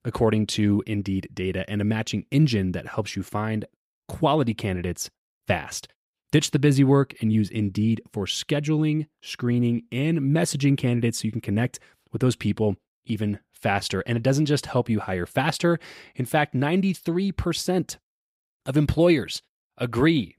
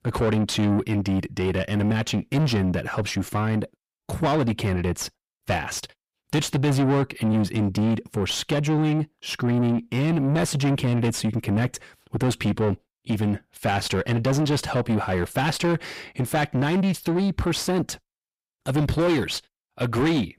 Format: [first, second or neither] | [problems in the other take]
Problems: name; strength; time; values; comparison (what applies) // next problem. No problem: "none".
first | distortion; heavy; 8 dB below the speech